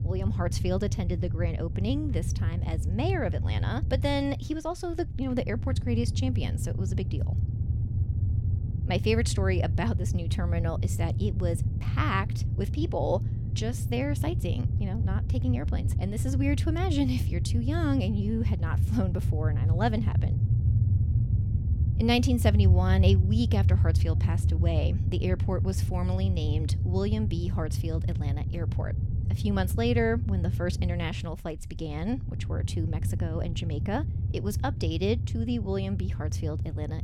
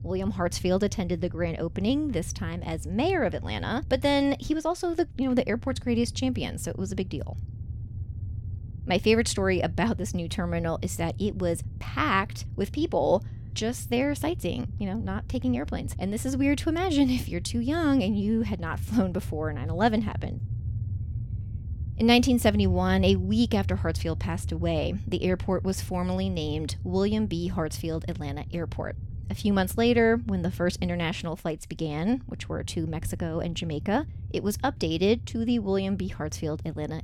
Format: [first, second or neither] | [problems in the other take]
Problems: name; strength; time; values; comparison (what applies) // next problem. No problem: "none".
second | low rumble; loud; throughout; 9 dB below the speech; faint in the second